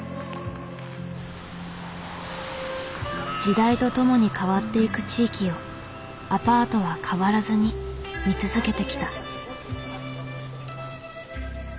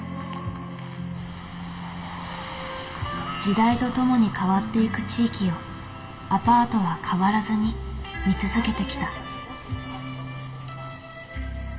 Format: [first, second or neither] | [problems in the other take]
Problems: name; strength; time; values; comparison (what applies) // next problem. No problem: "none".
first | room echo; dies away in 1.4 s